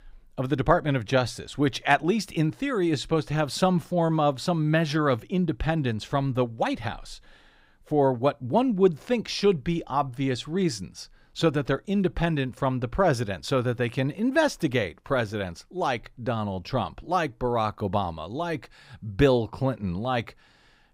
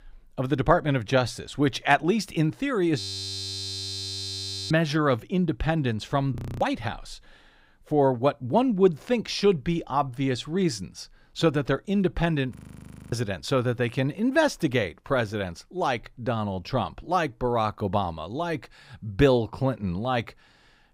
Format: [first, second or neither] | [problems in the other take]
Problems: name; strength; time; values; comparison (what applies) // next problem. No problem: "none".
first | audio freezing; at 3 s for 1.5 s, at 6.5 s and at 13 s for 0.5 s